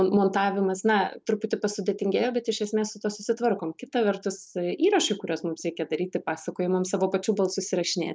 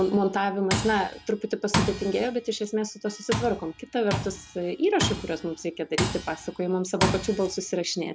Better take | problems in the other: first | background sound (Tools); 6 dB below the speech

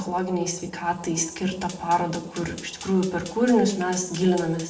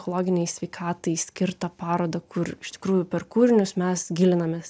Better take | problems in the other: second | background sound (Fire); 20 dB below the speech // room echo; dies away in 0.5 s

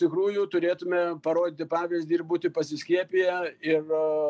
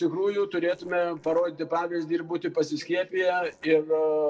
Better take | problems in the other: first | noise reduction (neural separator model SepFormer DNS4)

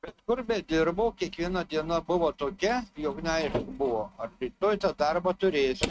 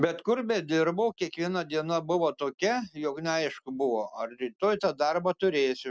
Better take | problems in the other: second | noise reduction (neural mask model RNNoise)

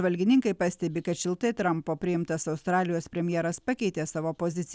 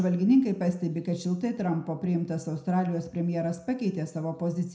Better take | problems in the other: first | room echo; dies away in 0.5 s

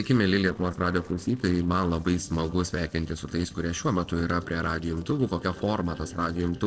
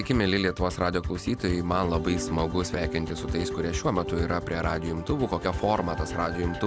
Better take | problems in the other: second | noise reduction (neural separator model SepFormer DNS4)

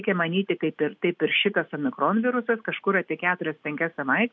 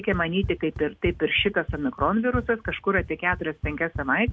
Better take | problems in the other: first | background sound (Run); 10 dB below the speech

